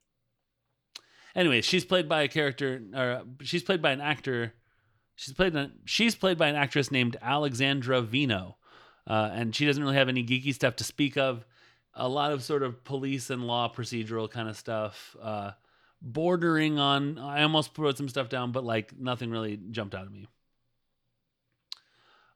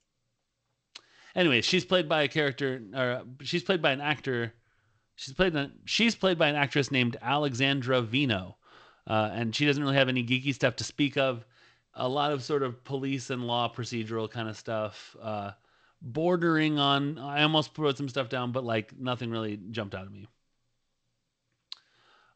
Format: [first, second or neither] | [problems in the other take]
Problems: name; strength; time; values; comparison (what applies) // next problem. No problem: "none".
first | garbled, watery; slightly; nothing above 7.5 kHz